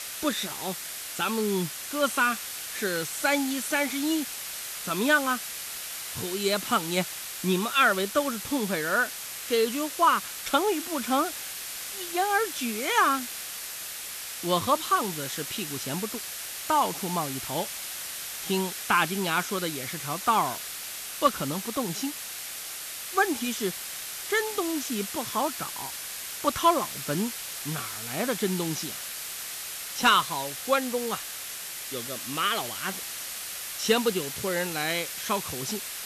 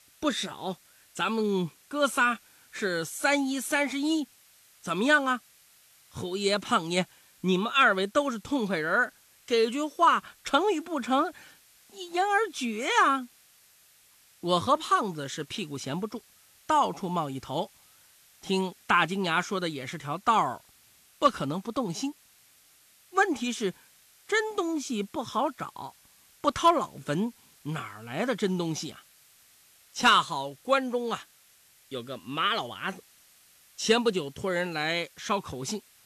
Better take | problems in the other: second | hiss; loud; throughout; 6 dB below the speech; faint in the second

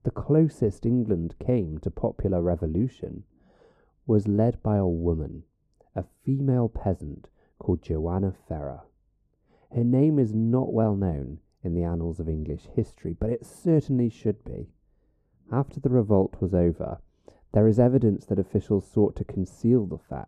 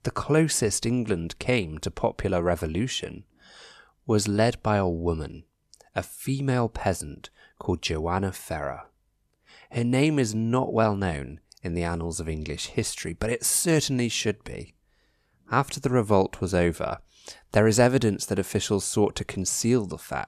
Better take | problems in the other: second | muffled; very; fading above 1 kHz

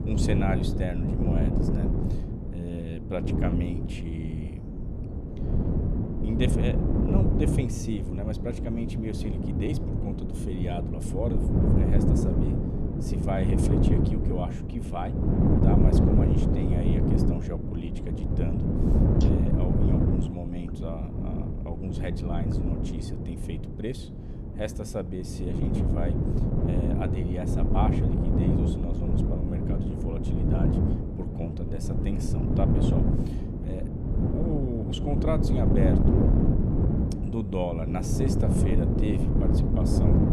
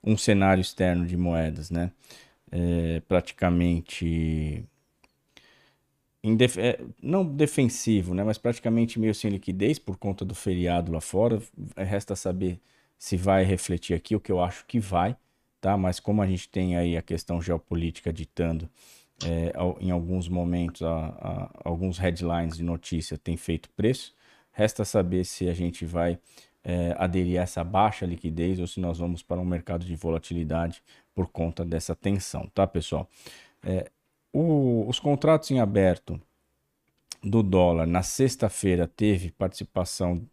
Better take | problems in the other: second | wind noise on the microphone; heavy; 3 dB above the speech

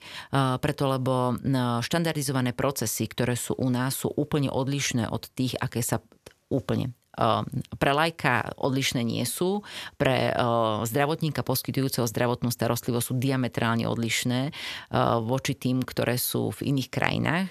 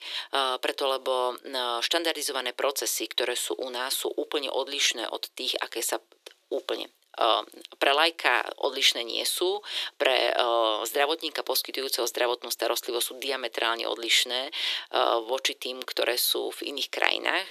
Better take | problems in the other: first | thin; very; fading below 350 Hz

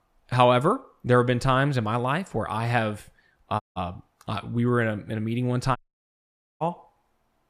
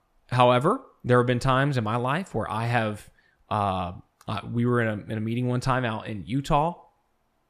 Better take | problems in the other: second | audio cutting out; at 3.5 s and at 6 s for 1 s

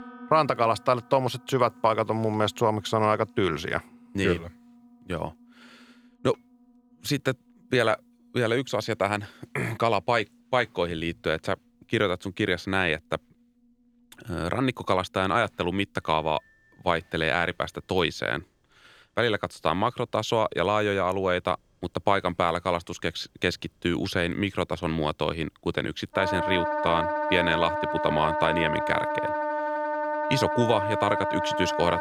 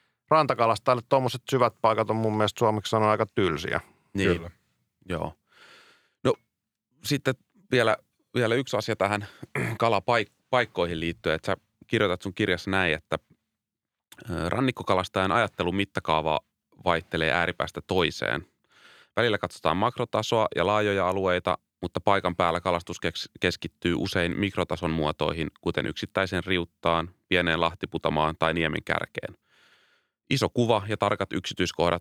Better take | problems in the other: second | background music; loud; throughout; 2 dB below the speech

